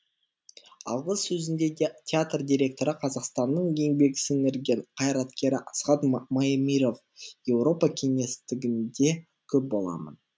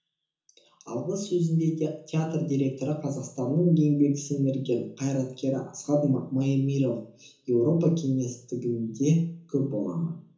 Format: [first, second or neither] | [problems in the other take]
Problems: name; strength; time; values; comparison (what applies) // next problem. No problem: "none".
first | room echo; dies away in 0.7 s